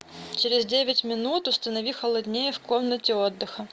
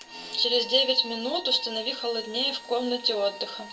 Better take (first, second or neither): first